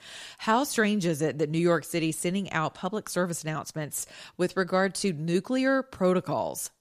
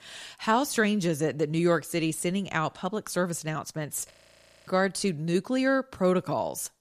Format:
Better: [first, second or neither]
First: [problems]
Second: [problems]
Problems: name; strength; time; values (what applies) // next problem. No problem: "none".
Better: first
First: none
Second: audio freezing; at 4 s for 0.5 s